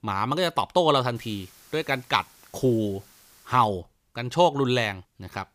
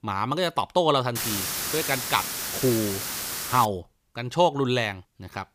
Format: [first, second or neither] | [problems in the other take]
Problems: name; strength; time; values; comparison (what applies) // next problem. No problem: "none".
first | hiss; loud; from 1 to 3.5 s; 3 dB below the speech; faint in the first